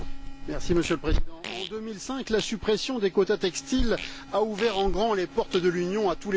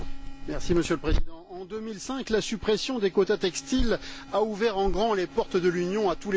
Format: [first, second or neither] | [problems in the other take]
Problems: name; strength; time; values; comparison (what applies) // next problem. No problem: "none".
second | background sound (Fart); 17 dB below the speech